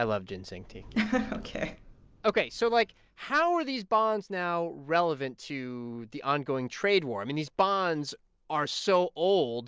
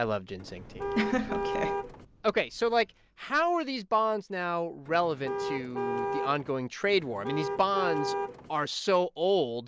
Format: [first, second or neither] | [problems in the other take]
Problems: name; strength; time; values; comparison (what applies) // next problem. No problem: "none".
first | background sound (Car); 4 dB below the speech